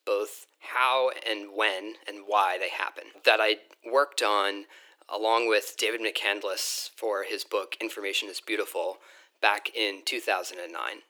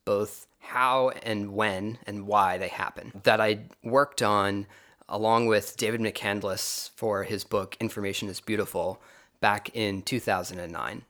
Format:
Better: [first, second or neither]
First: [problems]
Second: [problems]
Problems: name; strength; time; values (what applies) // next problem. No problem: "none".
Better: second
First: thin; very; fading below 300 Hz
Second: none